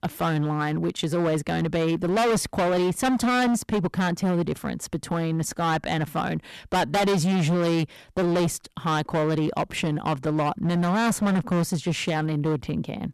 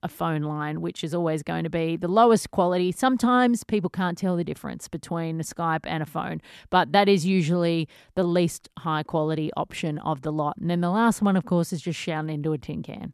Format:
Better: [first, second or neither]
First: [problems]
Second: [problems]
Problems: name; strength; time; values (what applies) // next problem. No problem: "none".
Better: second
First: distortion; heavy; 20% of the sound clipped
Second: none